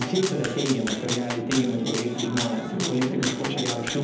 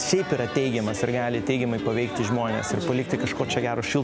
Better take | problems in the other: second | background sound (Rattle (instrument)); 8 dB below the speech // room echo; dies away in 0.8 s

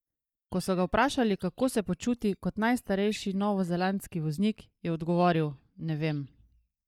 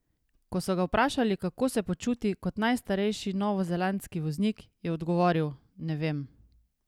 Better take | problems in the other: second | noise reduction (neural mask model DeepFilterNet 3)

